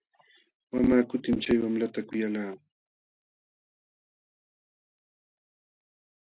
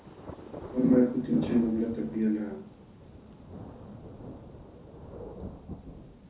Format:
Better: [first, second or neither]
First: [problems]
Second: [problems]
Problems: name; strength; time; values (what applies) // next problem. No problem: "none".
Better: first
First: none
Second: background sound (Thunder); 12 dB below the speech // room echo; dies away in 0.6 s